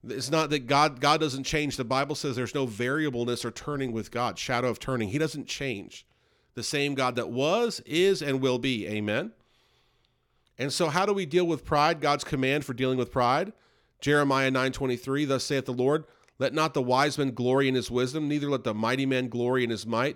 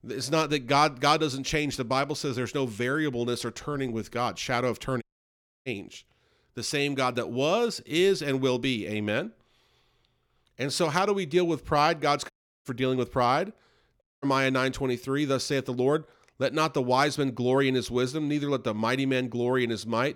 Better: first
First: none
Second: audio cutting out; at 5 s for 0.5 s, at 12 s and at 14 s

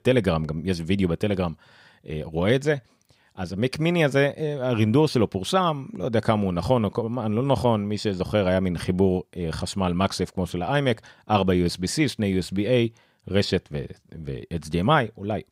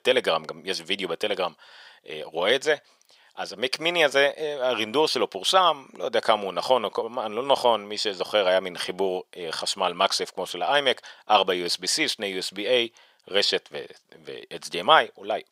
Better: first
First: none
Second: thin; very; fading below 650 Hz

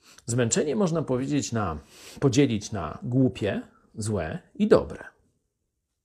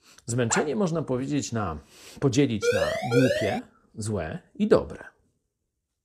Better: first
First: none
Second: dog barking; noticeable; at 0.5 s; peak 5 dB below the speech // siren; loud; at 2.5 s; peak 2 dB above the speech

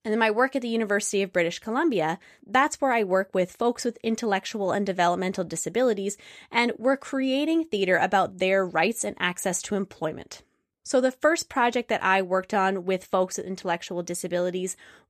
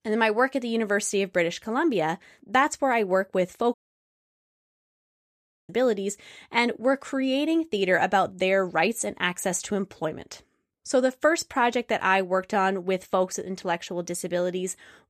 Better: first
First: none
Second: audio cutting out; at 3.5 s for 2 s

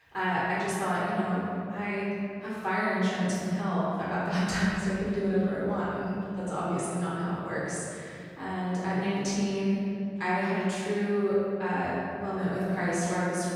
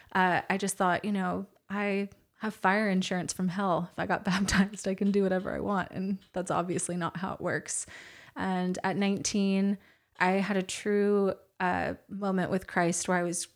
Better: second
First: room echo; strong; dies away in 2.4 s // off-mic speech; far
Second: none

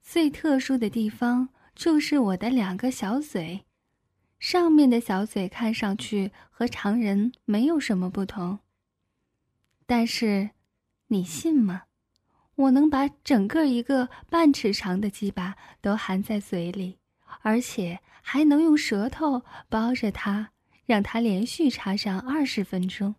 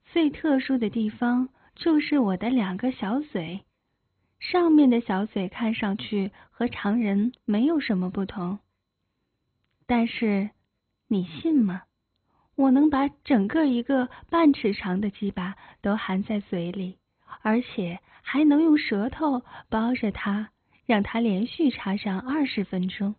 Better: first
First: none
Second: garbled, watery; badly; nothing above 4 kHz

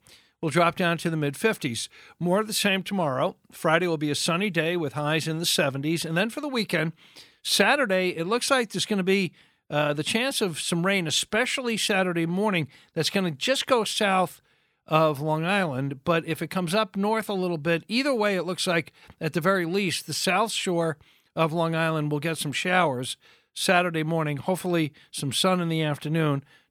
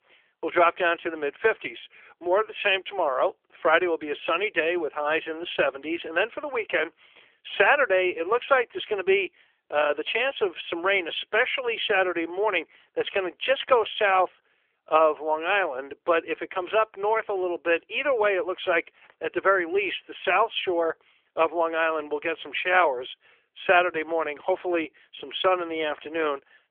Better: first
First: none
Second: phone-call audio; nothing above 3.5 kHz

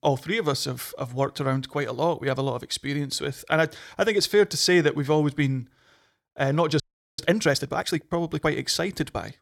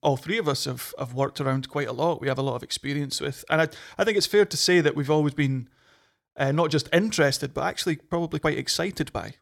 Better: second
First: audio freezing; at 7 s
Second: none

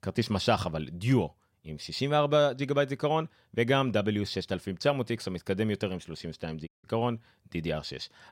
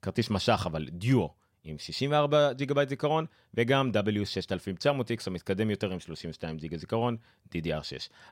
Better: second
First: audio cutting out; at 6.5 s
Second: none

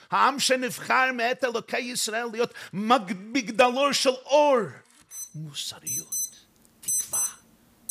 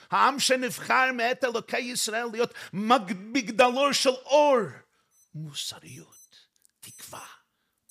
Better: second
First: alarms or sirens; loud; throughout; 5 dB below the speech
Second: alarms or sirens; faint; throughout; 30 dB below the speech

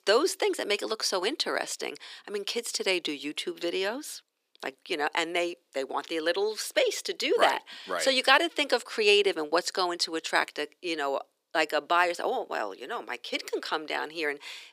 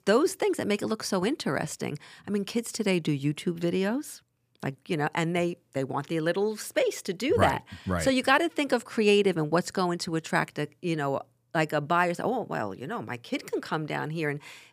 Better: second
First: thin; somewhat; fading below 350 Hz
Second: none

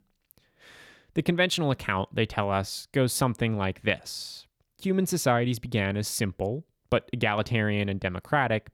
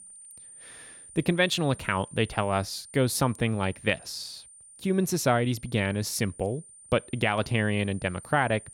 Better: first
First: none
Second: high-pitched whine; noticeable; throughout; 9 kHz, 20 dB below the speech

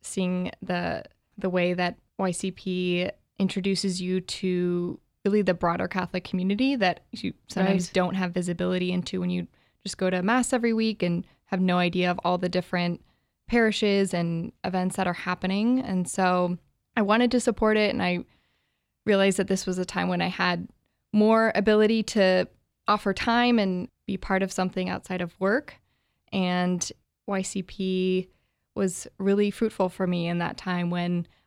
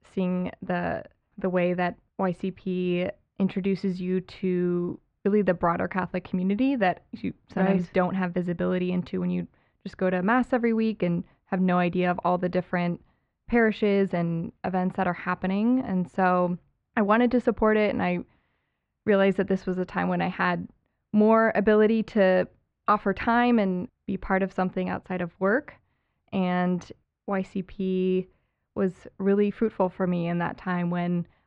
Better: first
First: none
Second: muffled; very; fading above 1.5 kHz

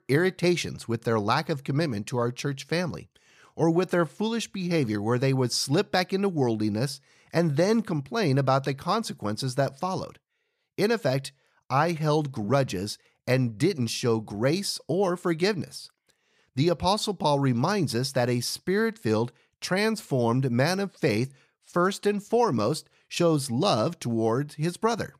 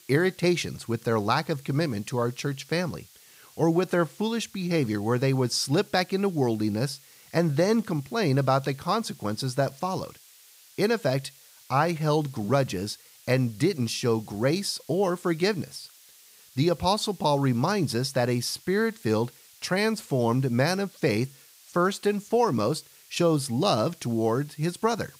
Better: first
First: none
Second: hiss; faint; throughout; 25 dB below the speech

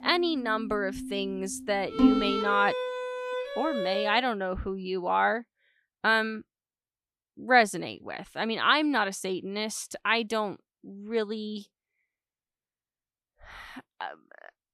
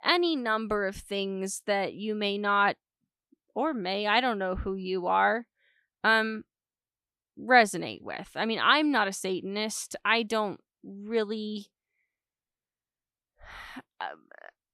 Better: second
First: background music; loud; until 4 s; 3 dB below the speech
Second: none

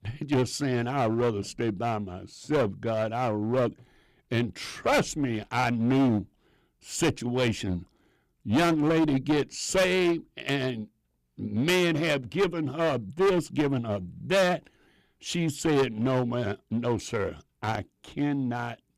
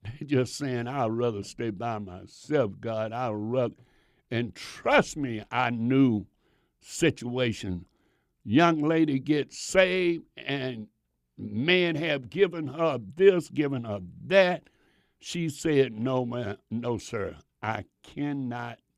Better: second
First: distortion; heavy; 10% of the sound clipped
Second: none

